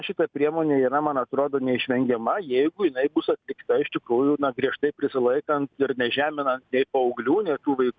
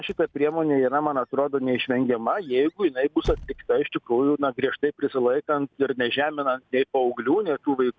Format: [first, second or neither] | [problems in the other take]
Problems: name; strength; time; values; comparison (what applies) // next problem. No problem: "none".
first | background sound (Squeak / Slam / Wood); 17 dB below the speech